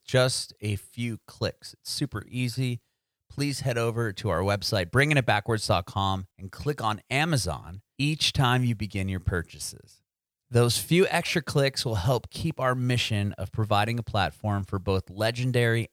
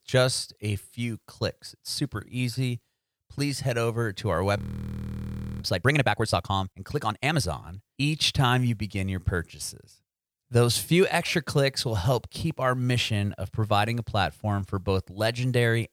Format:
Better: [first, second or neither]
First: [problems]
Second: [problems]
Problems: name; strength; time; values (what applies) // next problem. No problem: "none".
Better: first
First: none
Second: audio freezing; at 4.5 s for 1 s